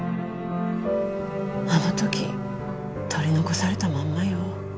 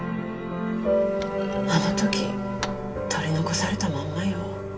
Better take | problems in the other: first | background sound (Thump, thud); 19 dB below the speech // room echo; dies away in 0.1 s

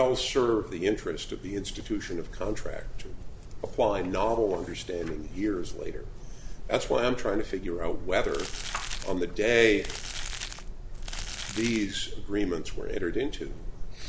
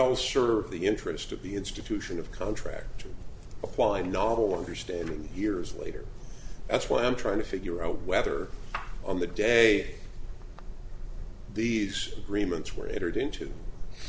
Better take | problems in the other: second | background sound (Crumpling, crinkling); 11 dB below the speech

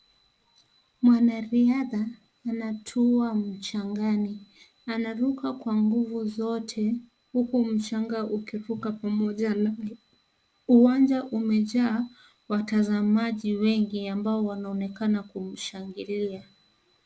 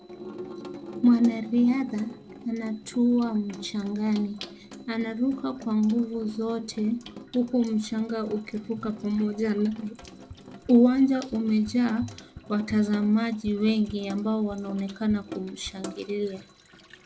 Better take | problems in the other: first | background sound (Sink (filling or washing) / Water tap, faucet); 16 dB below the speech

